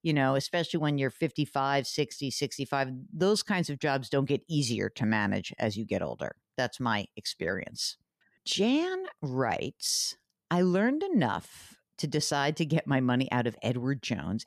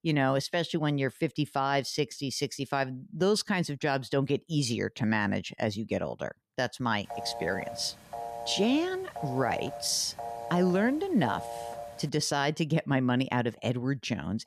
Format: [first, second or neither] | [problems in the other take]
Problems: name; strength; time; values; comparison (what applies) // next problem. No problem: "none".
first | phone ringing; noticeable; from 7 to 12 s; peak 8 dB below the speech